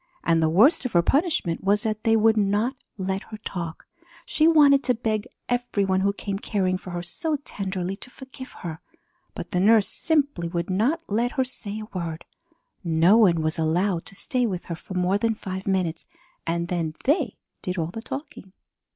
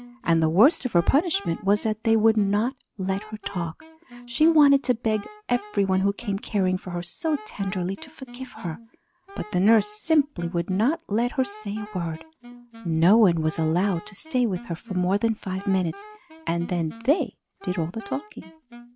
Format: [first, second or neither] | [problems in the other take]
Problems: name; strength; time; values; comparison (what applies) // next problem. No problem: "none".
first | background sound (Wind instrument, woodwind instrument); 19 dB below the speech